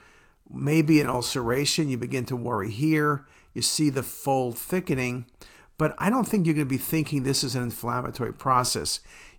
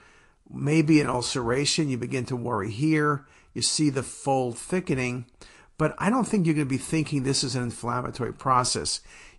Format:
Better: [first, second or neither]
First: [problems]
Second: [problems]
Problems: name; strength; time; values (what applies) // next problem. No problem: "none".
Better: first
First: none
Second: garbled, watery; slightly; nothing above 9 kHz